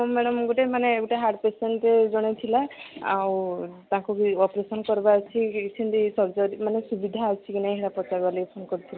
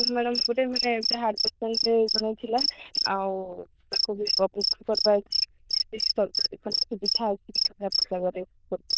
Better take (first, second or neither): first